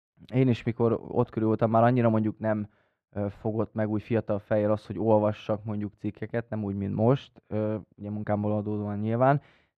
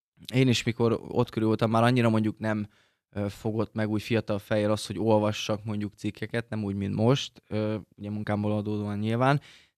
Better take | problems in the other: second | muffled; very; fading above 3 kHz

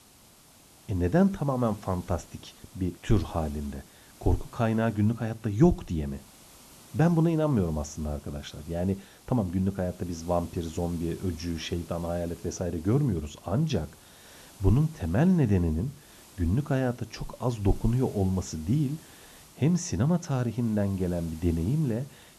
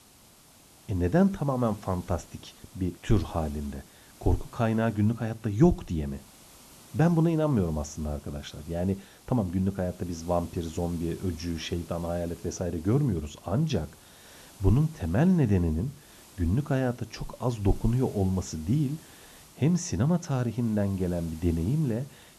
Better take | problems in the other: neither | hiss; faint; throughout; 25 dB below the speech; the same in both

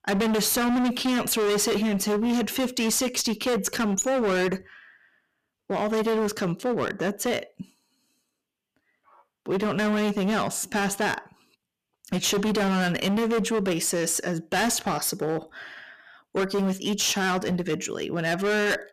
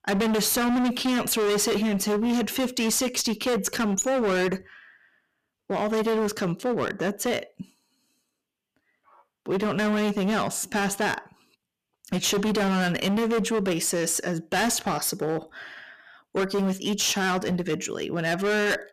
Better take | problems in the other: neither | distortion; heavy; 22% of the sound clipped; the same in both

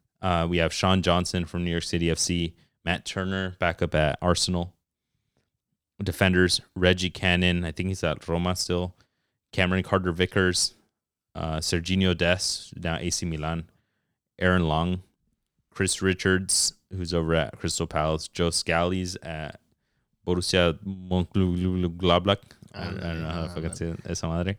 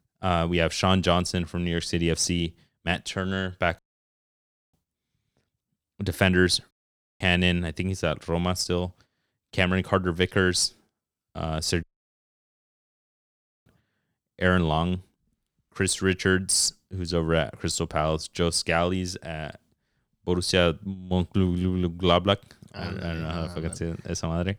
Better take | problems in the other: first | audio cutting out; at 4 s for 1 s, at 6.5 s and at 12 s for 2 s

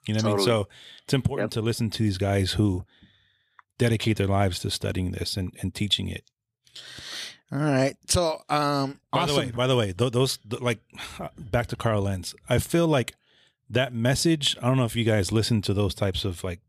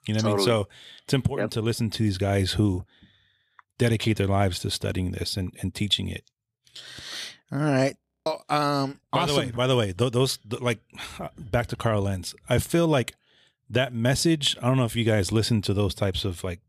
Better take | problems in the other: first | audio freezing; at 8 s

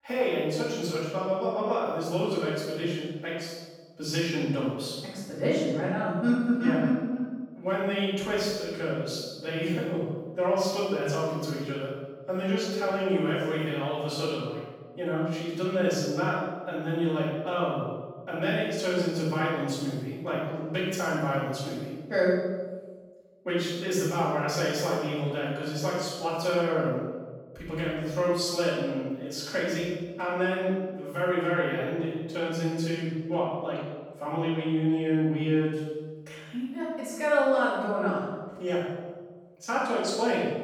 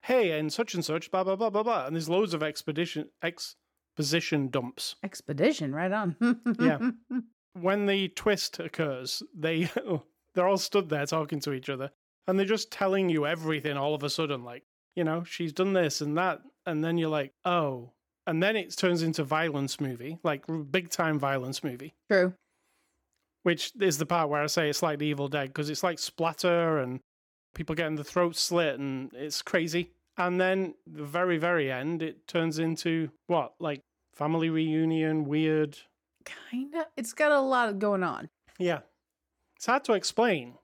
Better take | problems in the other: second | off-mic speech; far // room echo; strong; dies away in 1.1 s

